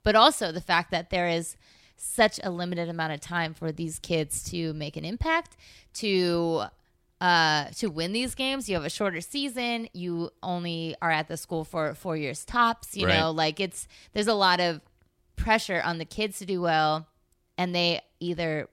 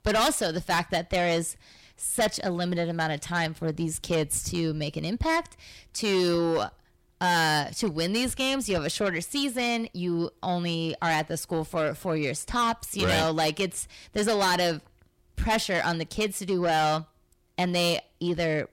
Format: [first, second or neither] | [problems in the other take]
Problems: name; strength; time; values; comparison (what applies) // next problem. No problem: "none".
first | distortion; heavy; 7 dB below the speech